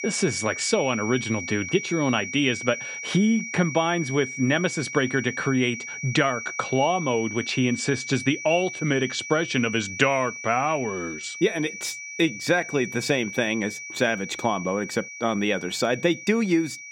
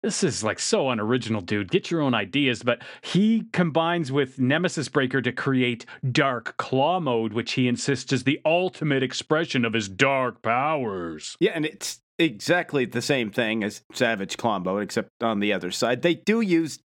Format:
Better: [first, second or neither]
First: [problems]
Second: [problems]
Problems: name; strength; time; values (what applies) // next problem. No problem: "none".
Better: second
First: high-pitched whine; loud; throughout; 2.5 kHz, 9 dB below the speech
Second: none